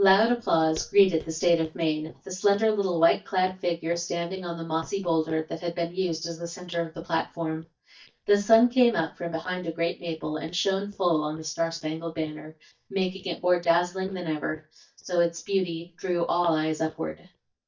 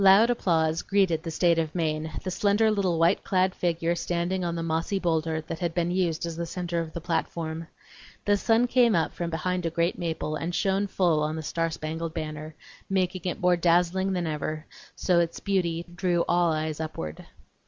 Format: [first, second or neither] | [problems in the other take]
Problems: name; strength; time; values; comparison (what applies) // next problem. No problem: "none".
second | noise reduction (neural mask model DeepFilterNet 3)